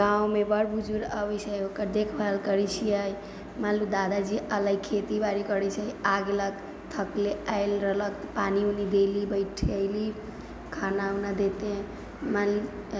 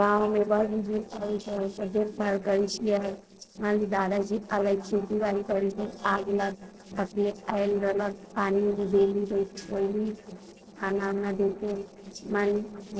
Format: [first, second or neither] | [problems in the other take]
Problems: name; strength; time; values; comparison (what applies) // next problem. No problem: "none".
first | noise reduction (neural separator model SepFormer DNS4)